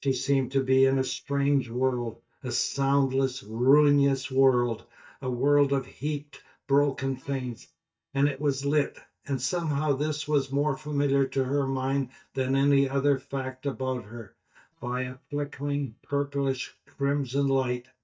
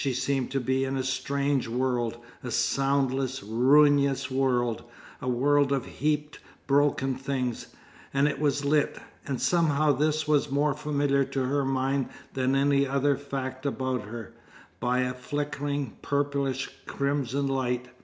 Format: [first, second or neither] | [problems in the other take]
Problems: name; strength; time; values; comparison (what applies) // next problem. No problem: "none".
second | noise reduction (neural mask model DeepFilterNet 3)